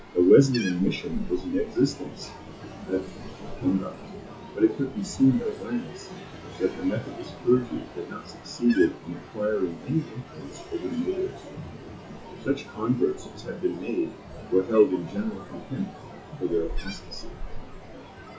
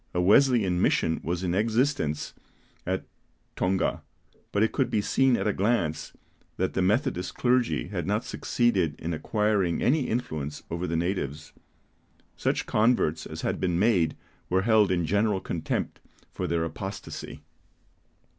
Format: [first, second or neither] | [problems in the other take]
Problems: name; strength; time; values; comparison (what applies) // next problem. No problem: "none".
second | noise reduction (classical method WPE with log-MMSE)